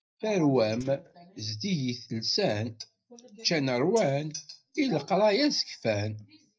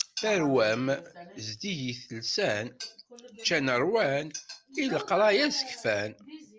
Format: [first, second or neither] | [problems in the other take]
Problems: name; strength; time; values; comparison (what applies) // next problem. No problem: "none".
second | noise reduction (neural mask model DeepFilterNet 3)